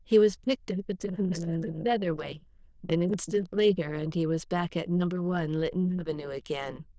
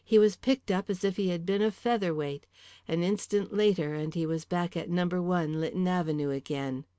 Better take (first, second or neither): second